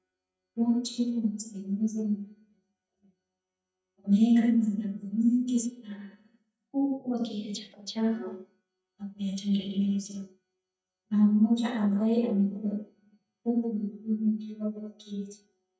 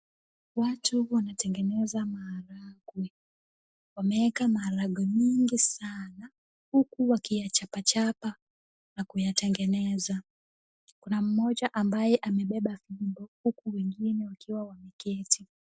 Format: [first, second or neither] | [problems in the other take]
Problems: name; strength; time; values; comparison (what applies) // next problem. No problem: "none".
second | noise reduction (neural mask model DeepFilterNet 3)